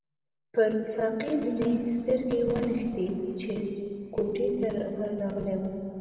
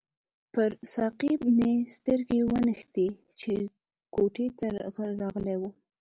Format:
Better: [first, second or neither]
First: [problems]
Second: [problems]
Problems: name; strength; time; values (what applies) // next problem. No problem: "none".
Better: second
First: room echo; dies away in 2.5 s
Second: none